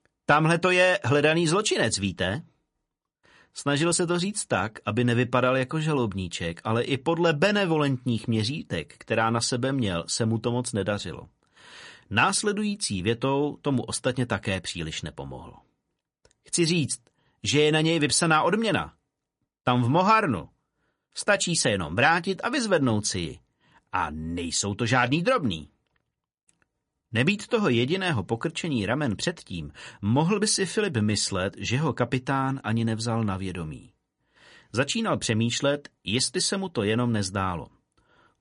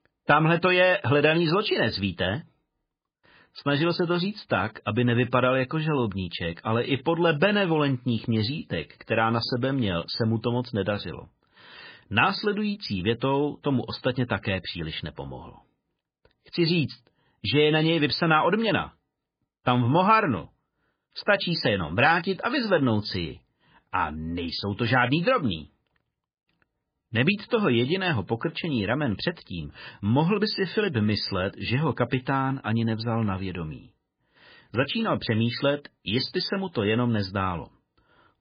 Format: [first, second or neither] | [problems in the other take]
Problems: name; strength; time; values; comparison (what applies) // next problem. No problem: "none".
first | garbled, watery; badly; nothing above 4.5 kHz; slightly in the first